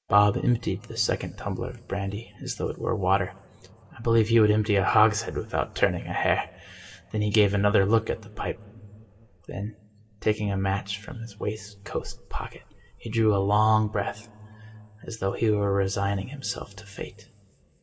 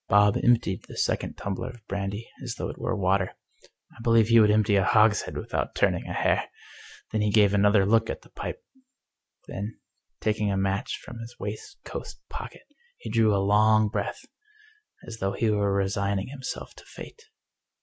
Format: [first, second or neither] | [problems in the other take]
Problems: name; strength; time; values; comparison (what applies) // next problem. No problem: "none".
second | room echo; dies away in 2.3 s